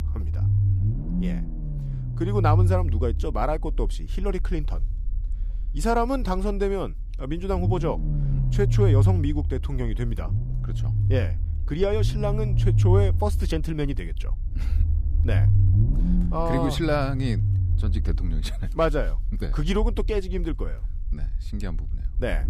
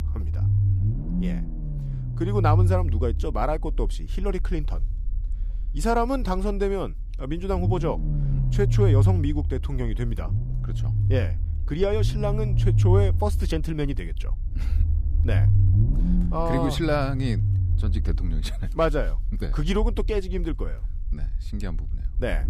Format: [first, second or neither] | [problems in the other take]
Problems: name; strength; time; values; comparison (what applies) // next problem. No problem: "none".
neither | low rumble; loud; throughout; 10 dB below the speech; the same in both